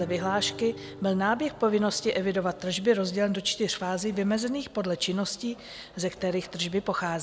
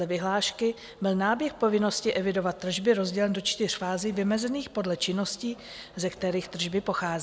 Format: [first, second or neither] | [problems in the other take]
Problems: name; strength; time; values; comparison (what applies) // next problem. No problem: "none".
second | background sound (Guitar); 20 dB below the speech